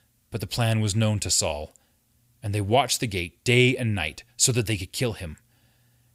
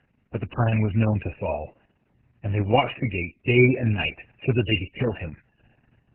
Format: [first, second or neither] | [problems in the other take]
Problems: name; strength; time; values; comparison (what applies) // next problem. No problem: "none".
first | garbled, watery; badly; nothing above 2.5 kHz